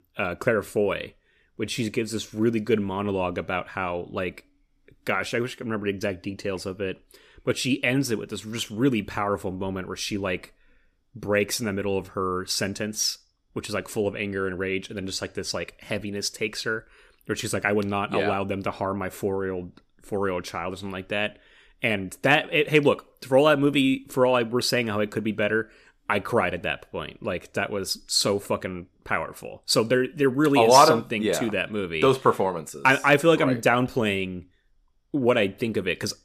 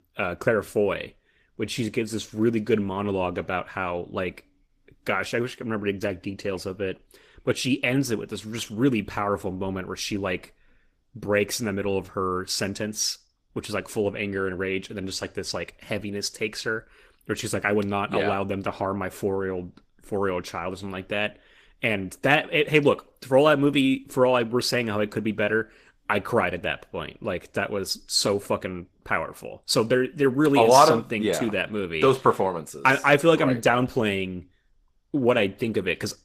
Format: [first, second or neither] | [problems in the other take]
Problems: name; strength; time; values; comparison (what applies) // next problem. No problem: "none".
first | garbled, watery; slightly; nothing above 14.5 kHz